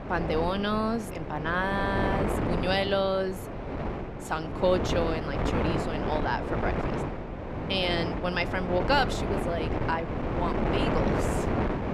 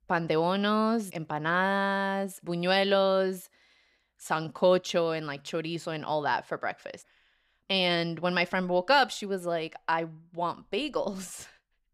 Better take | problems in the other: second | wind noise on the microphone; heavy; 3 dB below the speech

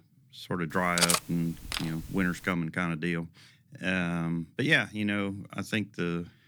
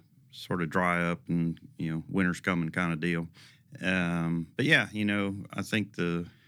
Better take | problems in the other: second | clattering dishes; loud; at 1 s; peak 5 dB above the speech

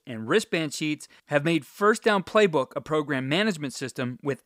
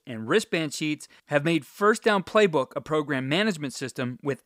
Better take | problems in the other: neither | none

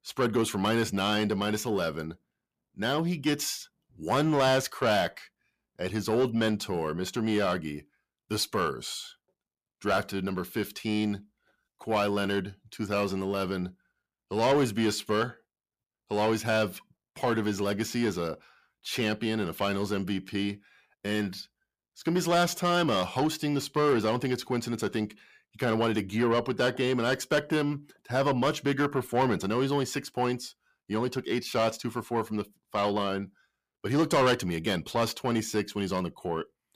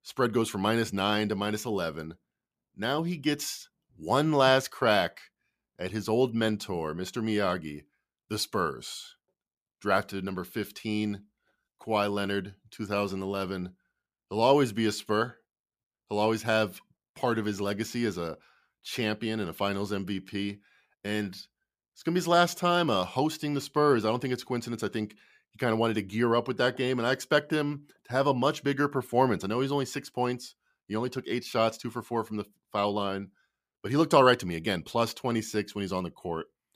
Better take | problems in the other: second | distortion; slight; 10 dB below the speech

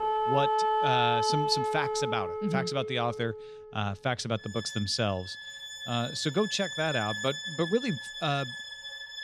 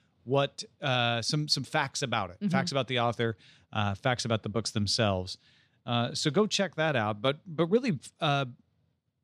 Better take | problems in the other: second | background music; loud; throughout; 1 dB below the speech

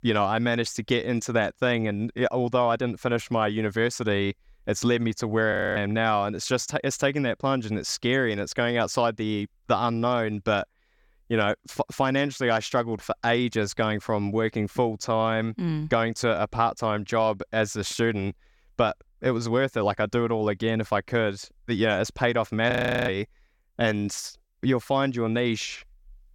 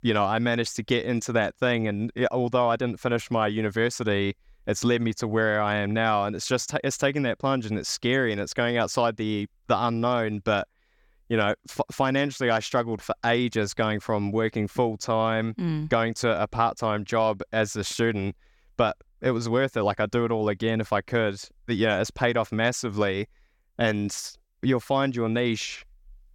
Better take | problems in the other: second | audio freezing; at 5.5 s and at 23 s

